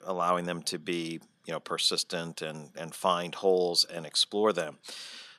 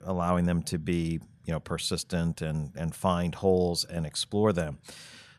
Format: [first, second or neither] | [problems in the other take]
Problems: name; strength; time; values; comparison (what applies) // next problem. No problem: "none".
second | thin; somewhat; fading below 250 Hz